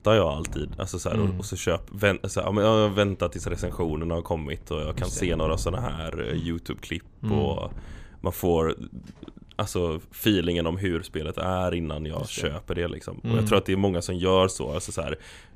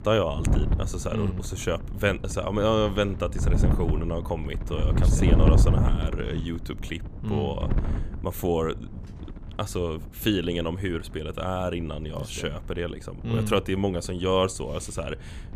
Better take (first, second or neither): first